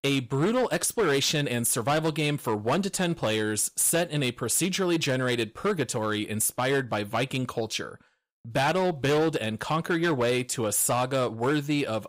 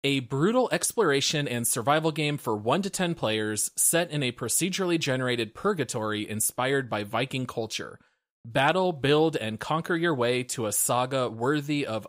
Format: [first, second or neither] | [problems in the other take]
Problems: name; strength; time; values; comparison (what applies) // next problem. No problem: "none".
second | distortion; slight; 9% of the sound clipped